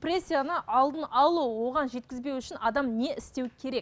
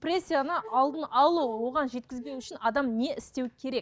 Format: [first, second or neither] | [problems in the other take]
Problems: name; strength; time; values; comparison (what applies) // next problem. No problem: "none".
first | noise reduction (neural mask model DeepFilterNet 3)